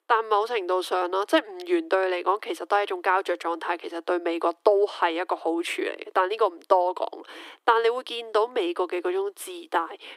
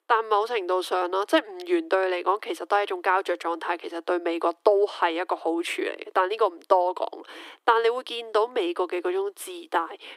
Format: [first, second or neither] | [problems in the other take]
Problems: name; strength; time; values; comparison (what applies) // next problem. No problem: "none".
neither | thin; very; fading below 300 Hz; the same in both